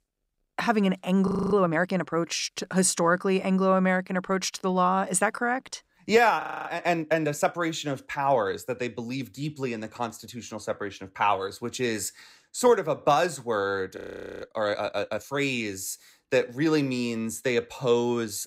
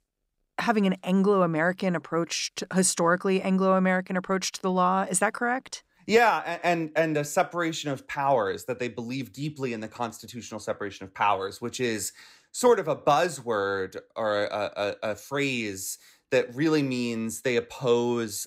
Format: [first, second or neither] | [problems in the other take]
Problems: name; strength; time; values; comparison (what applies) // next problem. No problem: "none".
second | audio freezing; at 1.5 s, at 6.5 s and at 14 s